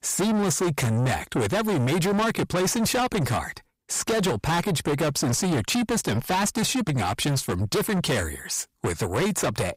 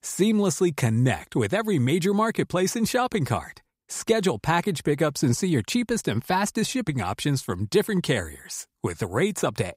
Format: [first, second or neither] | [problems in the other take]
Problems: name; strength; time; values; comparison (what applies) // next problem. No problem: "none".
second | distortion; heavy; 5 dB below the speech